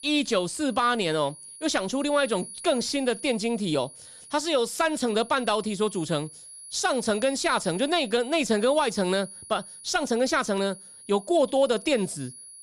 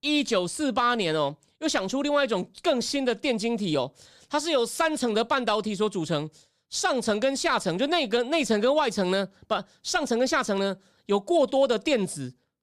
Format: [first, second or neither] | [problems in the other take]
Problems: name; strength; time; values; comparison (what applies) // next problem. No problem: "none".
second | high-pitched whine; noticeable; throughout; 10.5 kHz, 15 dB below the speech